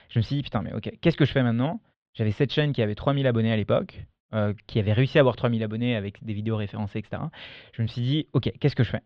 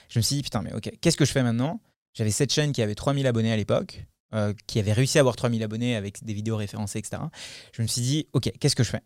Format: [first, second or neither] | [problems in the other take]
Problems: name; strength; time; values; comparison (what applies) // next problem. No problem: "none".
second | muffled; very; fading above 3.5 kHz